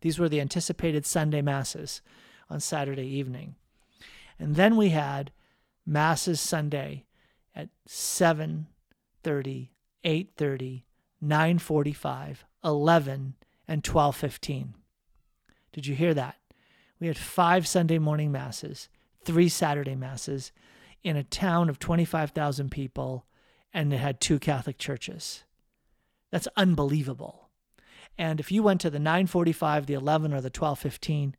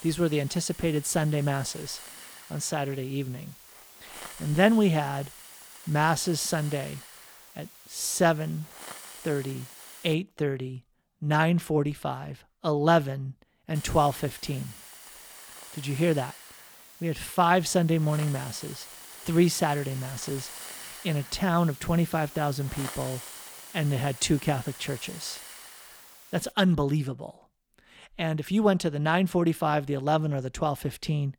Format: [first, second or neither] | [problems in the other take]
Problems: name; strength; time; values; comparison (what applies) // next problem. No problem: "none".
first | hiss; noticeable; until 10 s and from 14 to 27 s; 15 dB below the speech